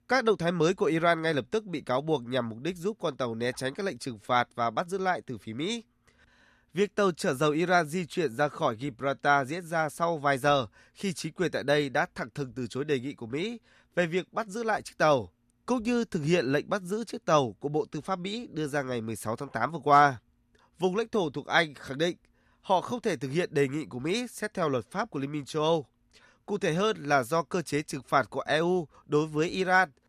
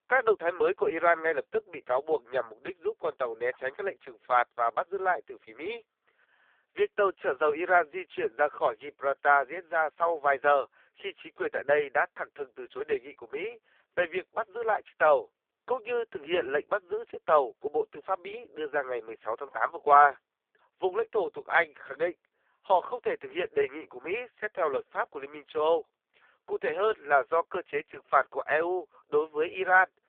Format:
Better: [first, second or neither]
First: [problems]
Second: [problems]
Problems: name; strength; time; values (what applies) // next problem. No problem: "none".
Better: first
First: none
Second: phone-call audio; poor line